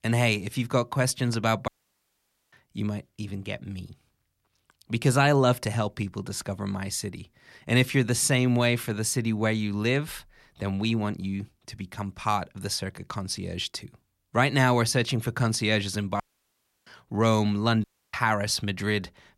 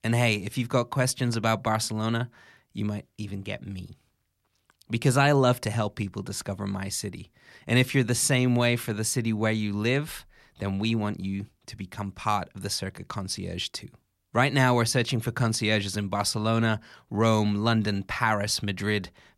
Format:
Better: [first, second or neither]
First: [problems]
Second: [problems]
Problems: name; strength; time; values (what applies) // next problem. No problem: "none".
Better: second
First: audio cutting out; at 1.5 s for 1 s, at 16 s for 0.5 s and at 18 s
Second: none